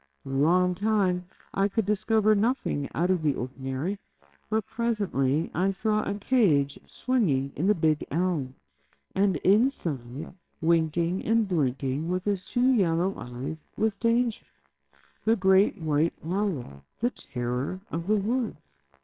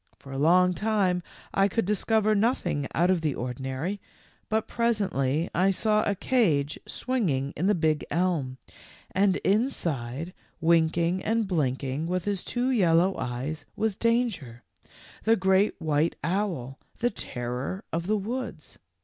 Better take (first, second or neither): second